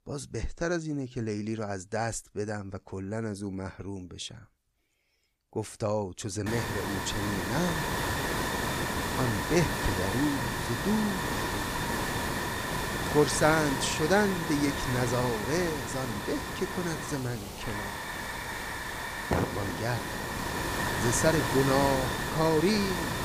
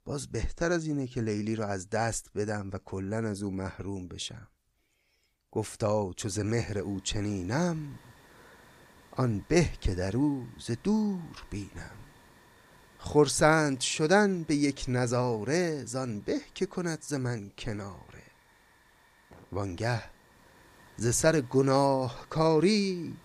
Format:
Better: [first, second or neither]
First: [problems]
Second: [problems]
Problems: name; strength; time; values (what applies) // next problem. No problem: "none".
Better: second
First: hiss; loud; from 6.5 s on; 1 dB below the speech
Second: hiss; faint; from 6.5 s on; 30 dB below the speech